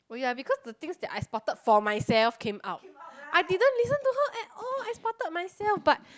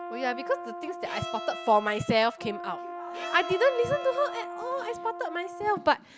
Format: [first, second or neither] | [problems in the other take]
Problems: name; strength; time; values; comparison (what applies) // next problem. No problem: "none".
first | background sound (Brass instrument + Bowed string instrument); 9 dB below the speech